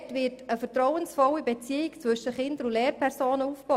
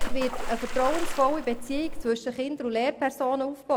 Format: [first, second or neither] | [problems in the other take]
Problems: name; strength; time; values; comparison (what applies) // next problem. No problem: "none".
first | background sound (Water / Splash, splatter); 1 dB below the speech